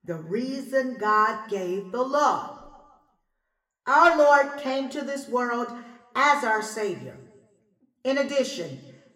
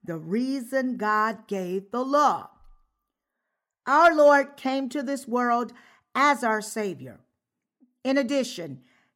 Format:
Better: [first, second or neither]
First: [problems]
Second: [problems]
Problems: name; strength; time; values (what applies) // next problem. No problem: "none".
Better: second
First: room echo; slight; dies away in 0.8 s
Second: none